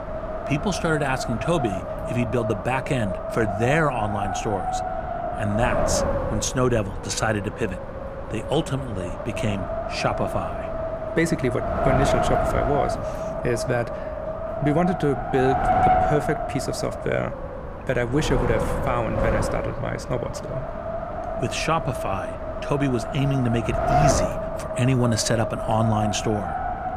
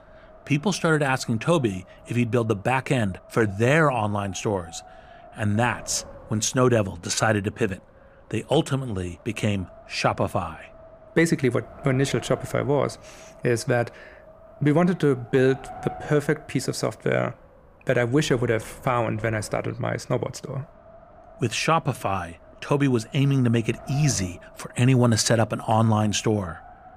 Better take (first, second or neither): second